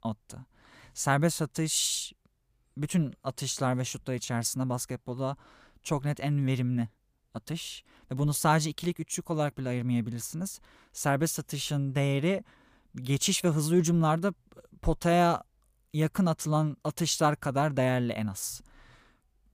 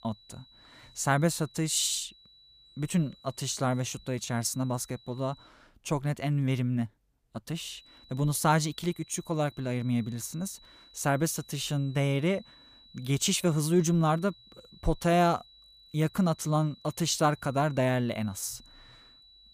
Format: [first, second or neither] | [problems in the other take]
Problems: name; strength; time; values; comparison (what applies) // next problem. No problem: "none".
first | high-pitched whine; faint; until 5.5 s and from 7.5 s on; 4 kHz, 25 dB below the speech